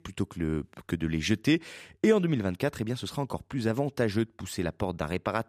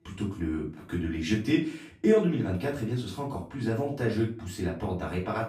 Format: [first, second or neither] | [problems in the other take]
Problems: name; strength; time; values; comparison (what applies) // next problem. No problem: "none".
first | off-mic speech; far // room echo; slight; dies away in 0.3 s